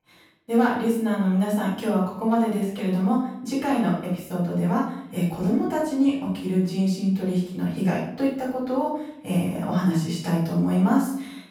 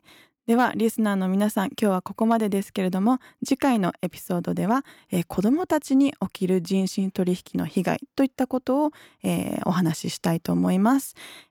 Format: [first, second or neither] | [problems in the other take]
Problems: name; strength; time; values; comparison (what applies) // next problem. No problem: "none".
second | off-mic speech; far // room echo; noticeable; dies away in 0.6 s